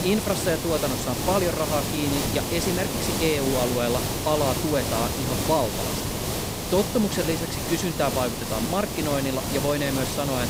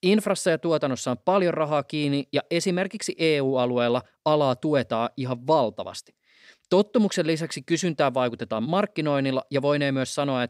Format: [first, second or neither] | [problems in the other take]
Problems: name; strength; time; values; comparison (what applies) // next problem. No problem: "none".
second | hiss; loud; throughout; 1 dB below the speech